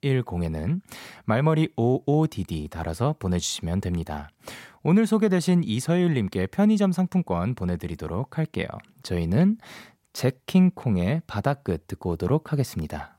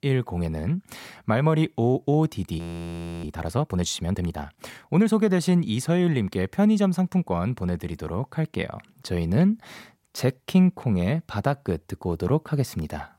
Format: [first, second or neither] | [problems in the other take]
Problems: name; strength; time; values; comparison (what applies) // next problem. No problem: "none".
first | audio freezing; at 2.5 s for 0.5 s